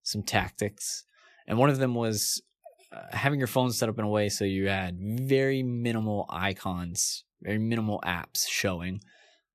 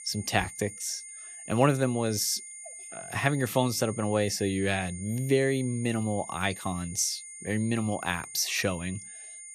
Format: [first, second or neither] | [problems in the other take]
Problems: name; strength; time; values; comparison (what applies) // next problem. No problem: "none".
first | high-pitched whine; noticeable; throughout; 9 kHz, 10 dB below the speech